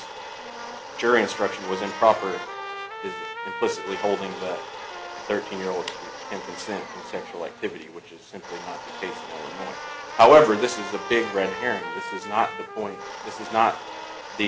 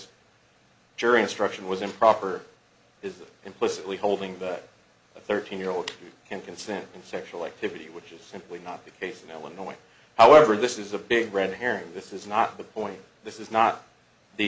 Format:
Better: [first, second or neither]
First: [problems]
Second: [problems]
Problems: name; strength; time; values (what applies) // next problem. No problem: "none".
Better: second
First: background sound (Domestic sounds, home sounds + Trumpet); 10 dB below the speech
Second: none